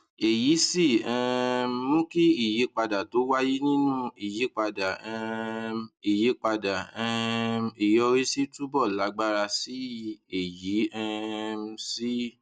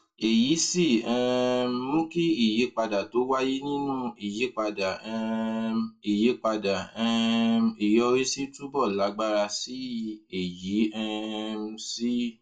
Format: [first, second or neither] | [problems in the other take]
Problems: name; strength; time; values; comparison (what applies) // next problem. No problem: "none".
first | room echo; dies away in 0.2 s